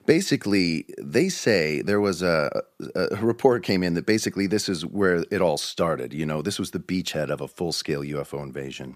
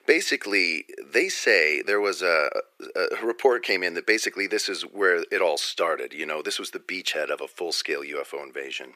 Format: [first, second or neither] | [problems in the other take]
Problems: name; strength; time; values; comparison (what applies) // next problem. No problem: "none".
first | thin; very; fading below 400 Hz